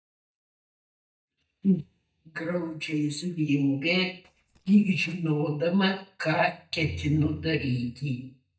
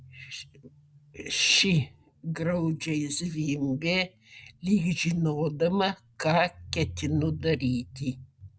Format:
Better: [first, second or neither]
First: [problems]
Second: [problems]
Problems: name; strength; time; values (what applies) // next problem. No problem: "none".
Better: second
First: noise reduction (neural mask model DeepFilterNet 3)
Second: none